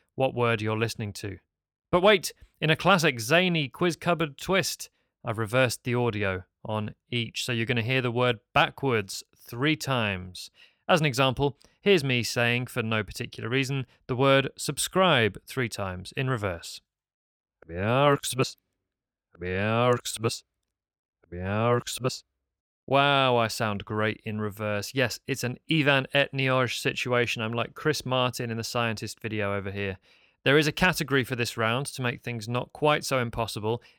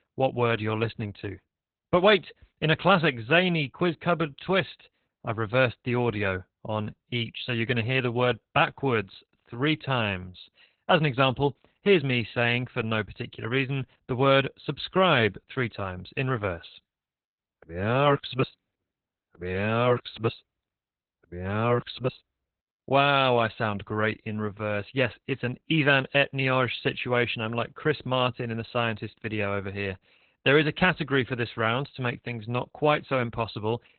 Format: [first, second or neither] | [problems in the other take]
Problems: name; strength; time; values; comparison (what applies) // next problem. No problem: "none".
first | garbled, watery; badly; nothing above 4 kHz